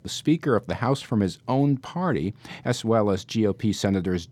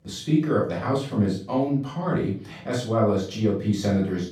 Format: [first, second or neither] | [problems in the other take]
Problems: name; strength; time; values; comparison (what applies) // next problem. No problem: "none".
first | off-mic speech; far // room echo; noticeable; dies away in 0.4 s